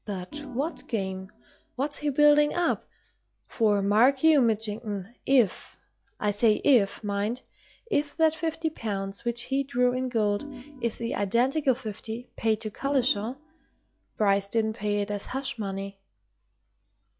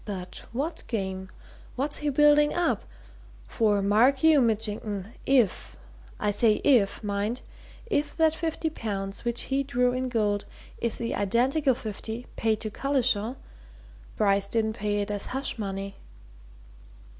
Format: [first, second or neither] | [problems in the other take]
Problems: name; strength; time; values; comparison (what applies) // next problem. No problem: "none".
second | noise reduction (classical method log-MMSE)